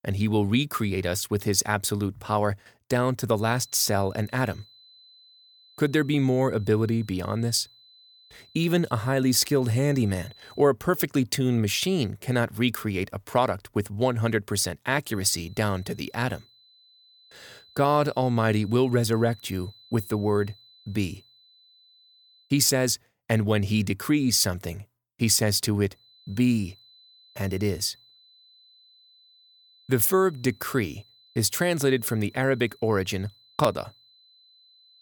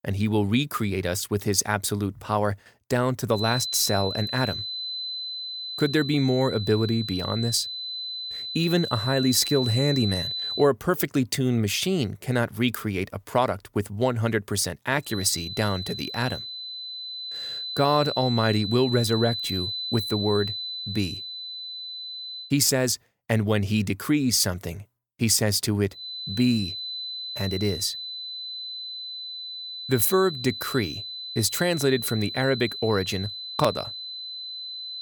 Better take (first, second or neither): first